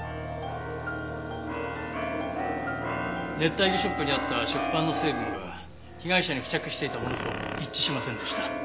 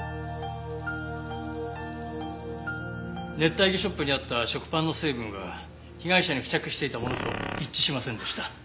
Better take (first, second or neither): second